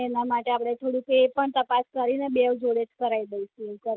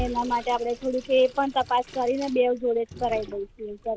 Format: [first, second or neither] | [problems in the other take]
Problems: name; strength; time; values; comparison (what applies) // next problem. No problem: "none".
first | background sound (Sink (filling or washing) / Water tap, faucet); 16 dB below the speech